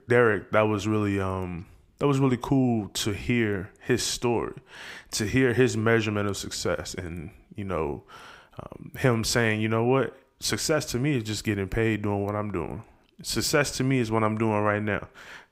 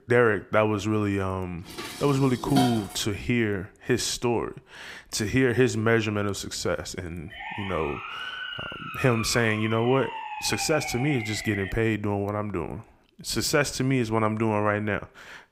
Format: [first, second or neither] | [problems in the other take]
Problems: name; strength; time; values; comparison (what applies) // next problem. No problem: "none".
first | clattering dishes; noticeable; from 1.5 to 3 s; peak 2 dB below the speech // siren; noticeable; from 7.5 to 12 s; peak 7 dB below the speech